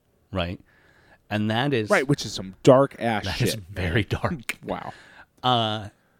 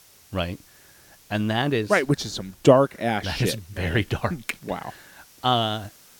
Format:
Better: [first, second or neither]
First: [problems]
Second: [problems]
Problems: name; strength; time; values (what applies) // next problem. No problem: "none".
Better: first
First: none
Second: hiss; faint; throughout; 25 dB below the speech